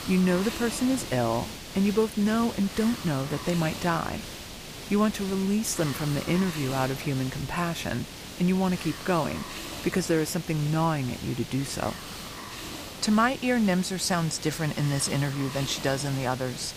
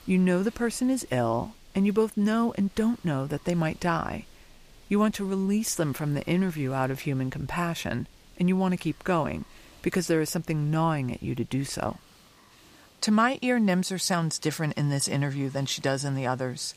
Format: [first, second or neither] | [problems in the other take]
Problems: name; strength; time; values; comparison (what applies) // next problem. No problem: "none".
second | hiss; loud; throughout; 10 dB below the speech; faint in the second